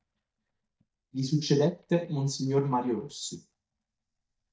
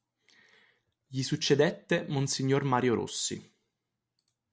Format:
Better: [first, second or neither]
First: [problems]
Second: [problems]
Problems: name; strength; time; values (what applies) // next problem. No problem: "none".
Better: second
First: noise reduction (neural mask model DeepFilterNet 3)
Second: none